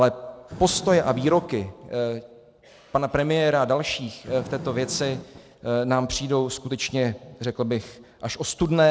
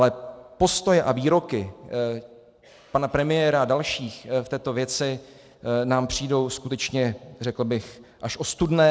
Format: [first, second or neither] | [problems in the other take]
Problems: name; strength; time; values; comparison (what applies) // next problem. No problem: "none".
second | background sound (Fire); 18 dB below the speech